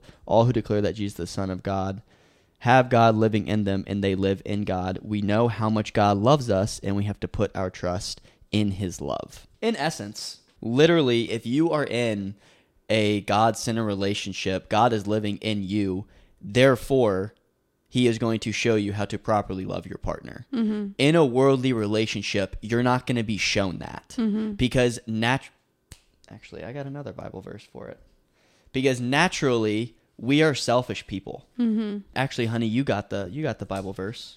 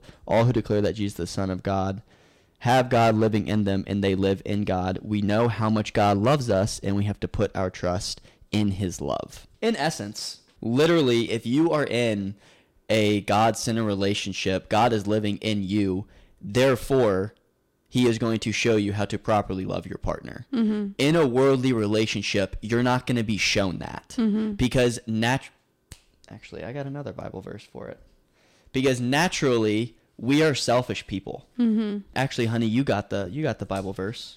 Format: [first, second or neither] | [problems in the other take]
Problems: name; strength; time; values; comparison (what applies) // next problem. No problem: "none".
first | distortion; slight; 4% of the sound clipped